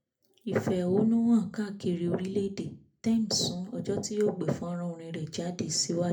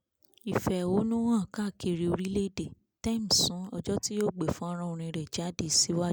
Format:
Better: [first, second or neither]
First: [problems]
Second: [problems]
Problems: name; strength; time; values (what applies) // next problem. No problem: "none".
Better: second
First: room echo; dies away in 0.3 s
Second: none